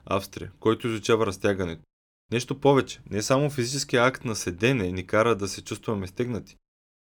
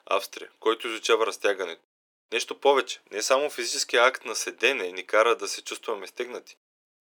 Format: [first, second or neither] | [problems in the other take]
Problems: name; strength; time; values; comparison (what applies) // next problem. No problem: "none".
first | thin; very; fading below 400 Hz